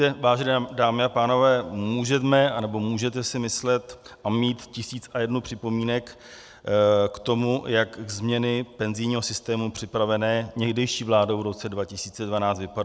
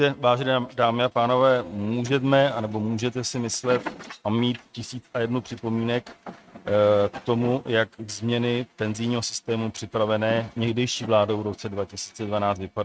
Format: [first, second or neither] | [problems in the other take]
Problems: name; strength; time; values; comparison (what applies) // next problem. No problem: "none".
first | noise reduction (neural mask model RNNoise)